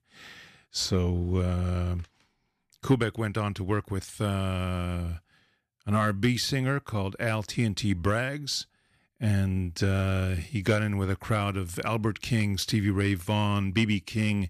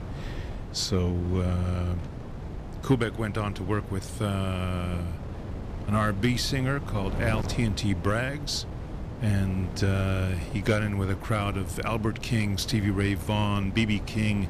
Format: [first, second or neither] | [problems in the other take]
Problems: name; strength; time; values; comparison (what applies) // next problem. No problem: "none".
first | wind noise on the microphone; occasional gusts; 10 dB below the speech